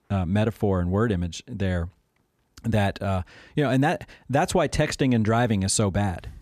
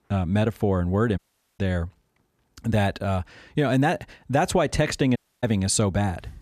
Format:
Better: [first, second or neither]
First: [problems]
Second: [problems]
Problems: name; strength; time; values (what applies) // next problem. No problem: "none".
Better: first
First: none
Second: audio cutting out; at 1 s and at 5 s